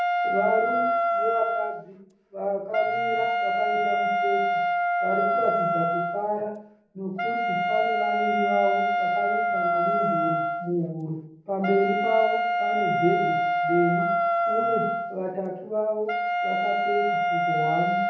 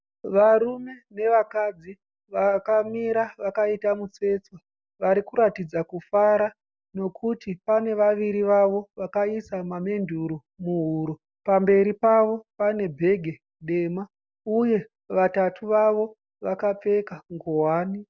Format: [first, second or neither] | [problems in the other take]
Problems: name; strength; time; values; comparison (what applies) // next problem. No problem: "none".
second | background sound (Wind instrument, woodwind instrument); 4 dB above the speech // room echo; dies away in 0.7 s